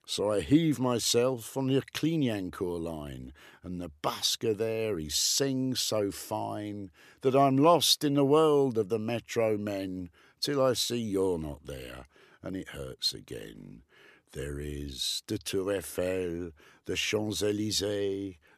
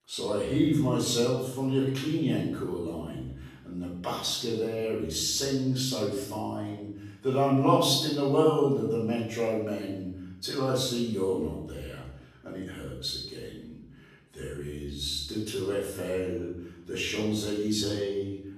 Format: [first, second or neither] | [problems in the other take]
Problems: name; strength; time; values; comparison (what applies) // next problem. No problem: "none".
first | room echo; noticeable; dies away in 0.9 s // off-mic speech; far